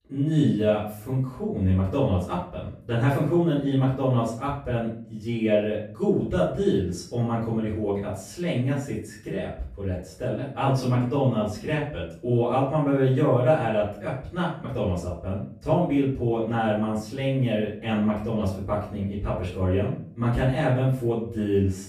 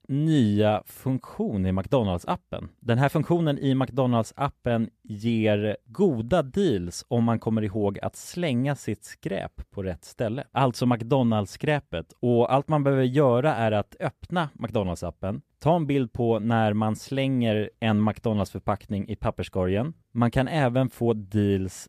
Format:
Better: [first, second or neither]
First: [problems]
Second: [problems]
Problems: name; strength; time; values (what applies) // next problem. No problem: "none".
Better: second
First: off-mic speech; far // room echo; noticeable; dies away in 0.4 s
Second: none